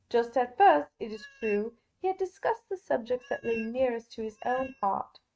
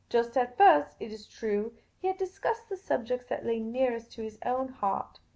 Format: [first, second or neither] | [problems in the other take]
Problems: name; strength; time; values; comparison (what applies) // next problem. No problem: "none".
second | noise reduction (neural mask model RNNoise)